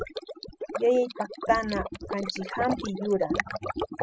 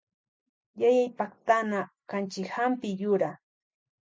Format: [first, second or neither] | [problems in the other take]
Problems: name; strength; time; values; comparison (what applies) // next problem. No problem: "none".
second | noise reduction (classical method spectral subtraction)